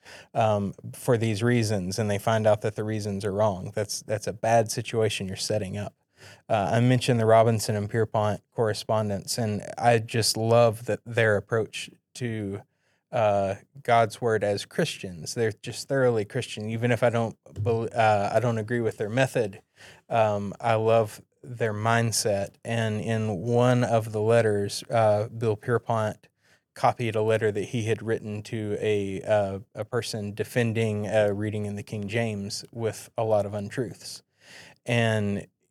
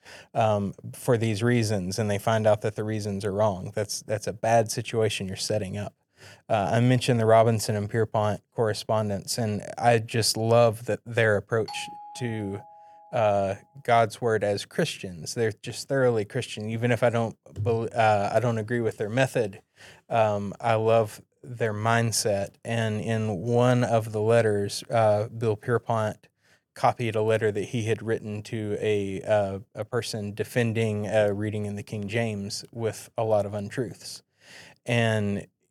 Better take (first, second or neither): first